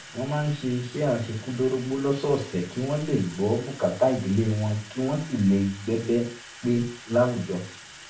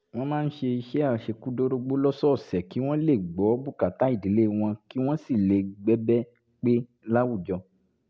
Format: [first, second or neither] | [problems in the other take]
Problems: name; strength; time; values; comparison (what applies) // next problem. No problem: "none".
second | background sound (Sink (filling or washing) / Water tap, faucet); 18 dB below the speech // room echo; dies away in 0.3 s